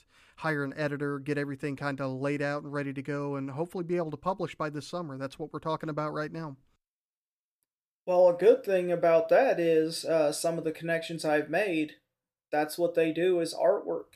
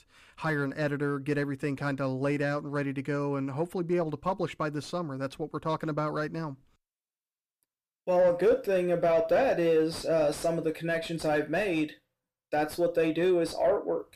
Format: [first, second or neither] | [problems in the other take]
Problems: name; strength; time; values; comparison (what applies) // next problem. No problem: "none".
first | distortion; slight; 10 dB below the speech